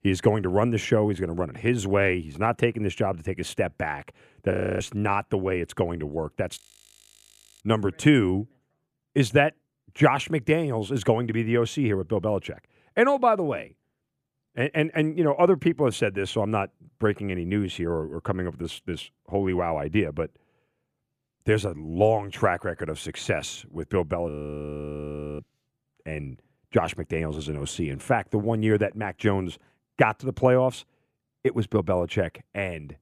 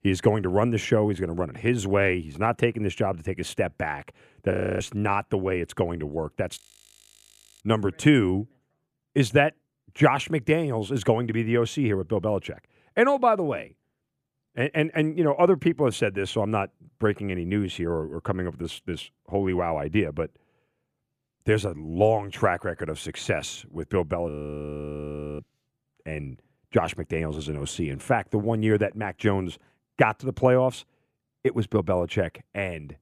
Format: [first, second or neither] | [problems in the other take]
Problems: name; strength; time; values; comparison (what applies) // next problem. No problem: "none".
neither | audio freezing; at 4.5 s, at 6.5 s for 1 s and at 24 s for 1 s; the same in both